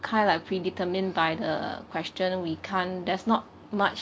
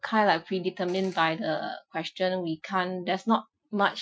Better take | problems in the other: first | noise reduction (classical method Wiener filter)

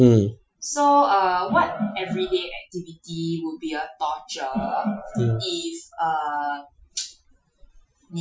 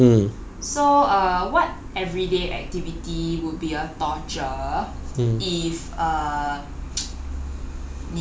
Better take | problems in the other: second | noise reduction (classical method Wiener filter)

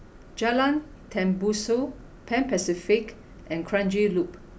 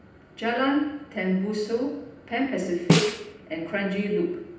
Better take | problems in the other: first | background sound (Snare drum); 1 dB above the speech // room echo; dies away in 0.9 s

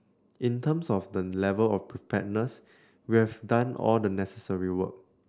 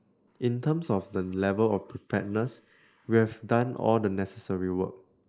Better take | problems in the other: first | noise reduction (neural mask model Resemble Enhance denoiser)

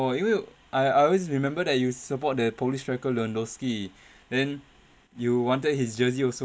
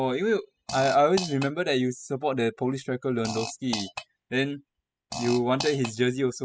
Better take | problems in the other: first | noise reduction (classical method spectral subtraction)

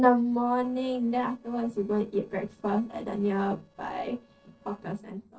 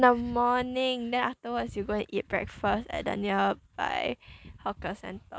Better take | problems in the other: second | noise reduction (neural separator model SepFormer DNS4)

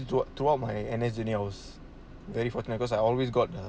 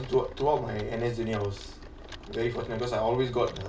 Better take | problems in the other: first | background sound (Typing); 20 dB below the speech // room echo; dies away in 0.3 s

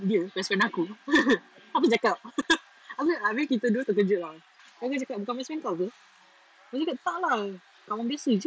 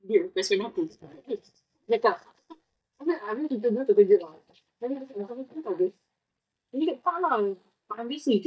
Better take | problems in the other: first | noise reduction (neural mask model DeepFilterNet 3)

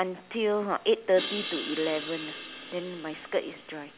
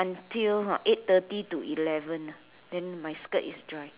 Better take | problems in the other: second | background sound (Crash cymbal); 11 dB below the speech

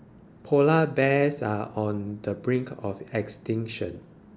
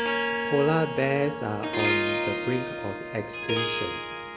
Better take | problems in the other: first | background sound (Harp); as loud as the speech

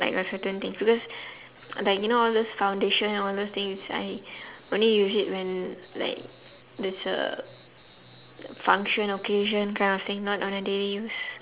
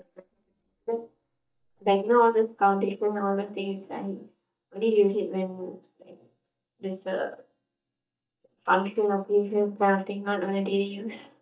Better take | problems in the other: first | noise reduction (neural mask model DeepFilterNet 3)

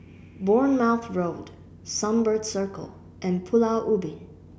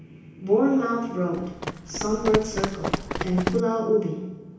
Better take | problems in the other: first | background sound (Run); 5 dB below the speech // room echo; dies away in 0.9 s

